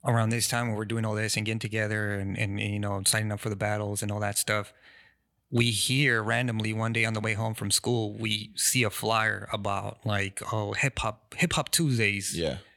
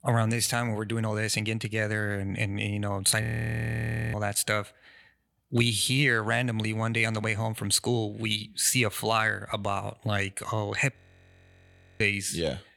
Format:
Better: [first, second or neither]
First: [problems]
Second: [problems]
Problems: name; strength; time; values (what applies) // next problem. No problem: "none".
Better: first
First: none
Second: audio freezing; at 3 s for 1 s and at 11 s for 1 s